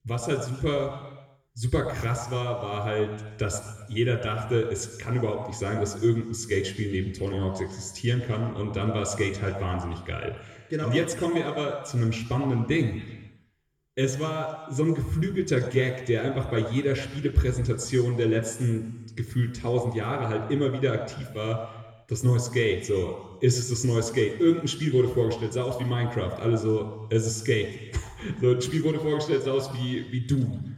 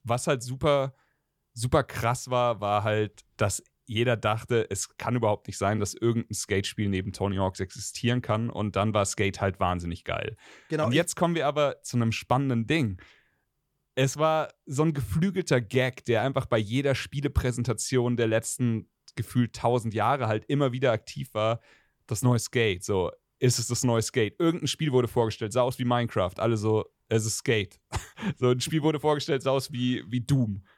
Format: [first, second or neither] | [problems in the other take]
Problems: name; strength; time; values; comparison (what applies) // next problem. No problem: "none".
second | room echo; noticeable; dies away in 1.1 s // off-mic speech; somewhat distant